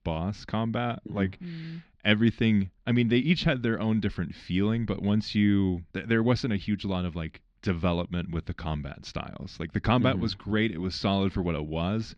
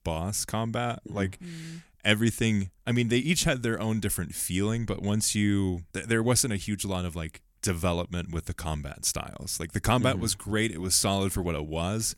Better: second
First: muffled; slightly; fading above 4.5 kHz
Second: none

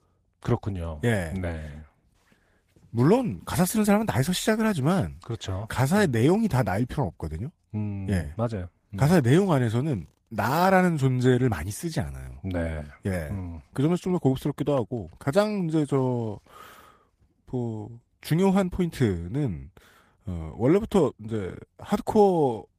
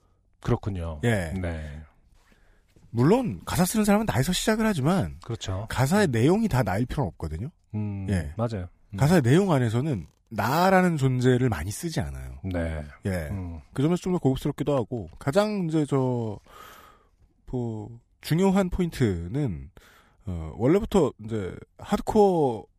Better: second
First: garbled, watery; slightly; nothing above 15 kHz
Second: none

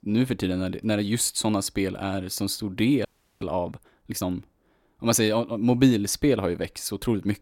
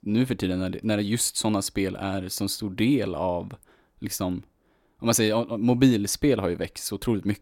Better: second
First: audio freezing; at 3 s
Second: none

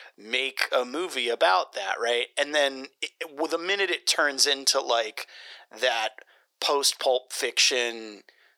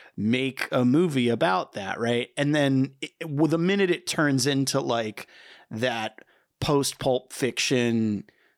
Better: second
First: thin; very; fading below 500 Hz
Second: none

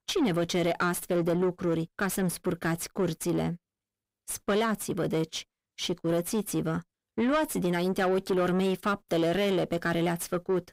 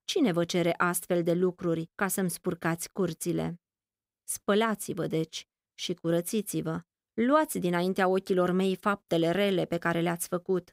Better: second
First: distortion; slight; 9 dB below the speech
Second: none

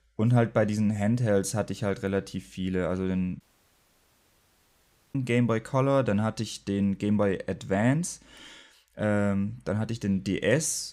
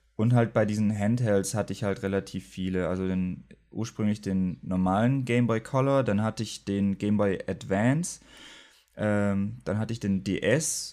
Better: second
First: audio cutting out; at 3.5 s for 1.5 s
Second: none

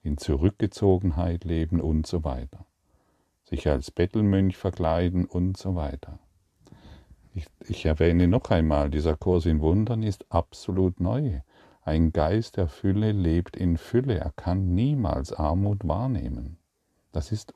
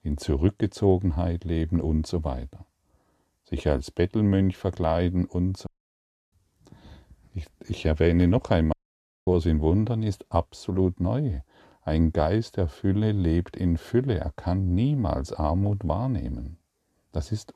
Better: first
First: none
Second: audio cutting out; at 5.5 s for 0.5 s and at 8.5 s for 0.5 s

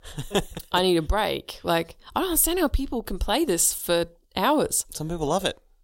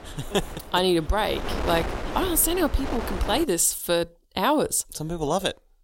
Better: first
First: none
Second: wind noise on the microphone; heavy; until 3.5 s; 9 dB below the speech

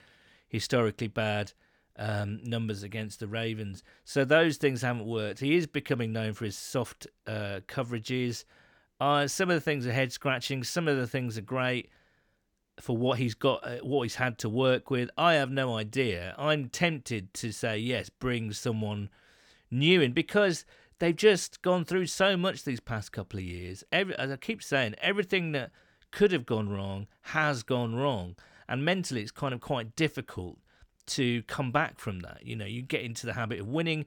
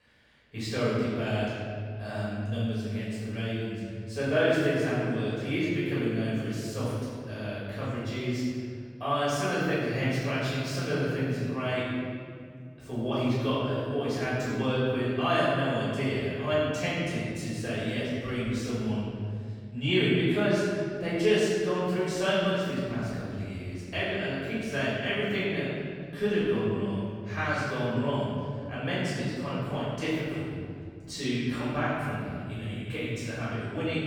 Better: first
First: none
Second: room echo; strong; dies away in 2.2 s // off-mic speech; far

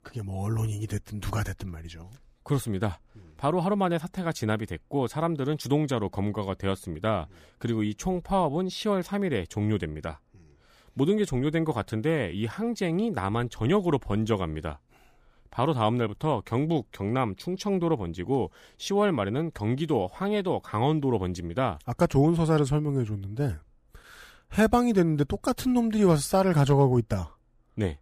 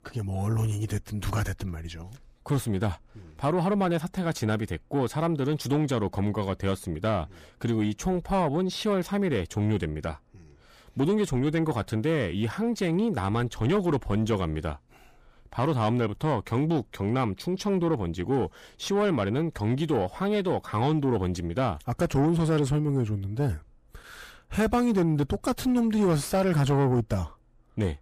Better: first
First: none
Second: distortion; slight; 10 dB below the speech

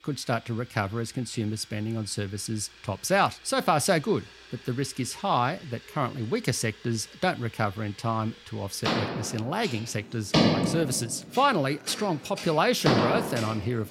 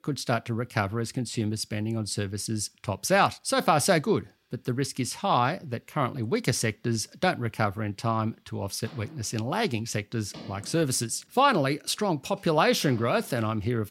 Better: second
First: household noises; loud; throughout; 1 dB below the speech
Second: household noises; faint; throughout; 25 dB below the speech

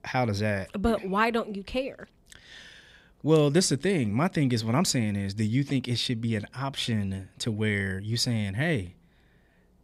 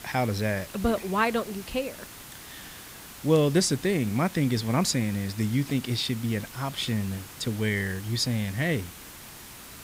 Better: first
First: none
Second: hiss; noticeable; throughout; 15 dB below the speech

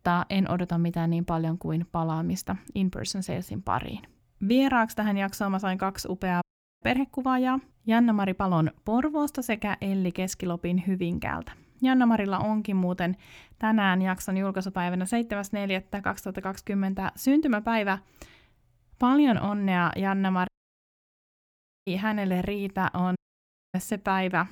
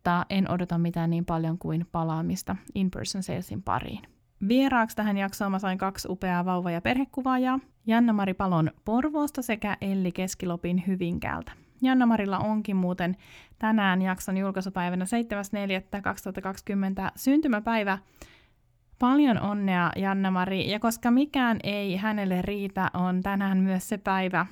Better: second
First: audio cutting out; at 6.5 s, at 20 s for 1.5 s and at 23 s for 0.5 s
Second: none

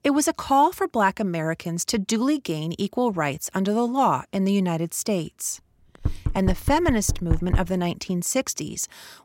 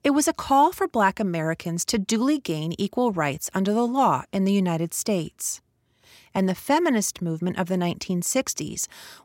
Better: second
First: door banging; noticeable; from 6 to 7.5 s; peak 2 dB below the speech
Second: none

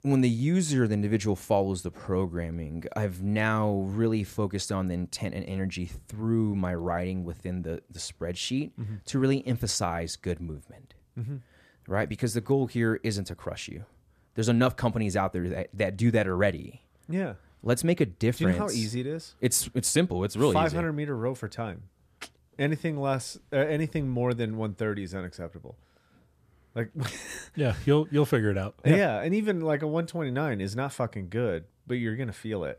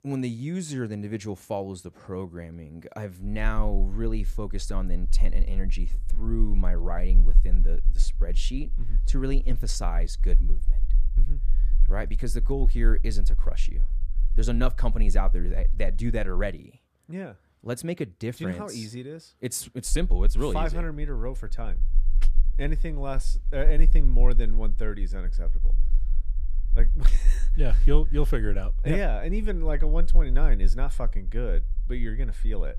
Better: first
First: none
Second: low rumble; faint; from 3.5 to 17 s and from 20 s on; 20 dB below the speech

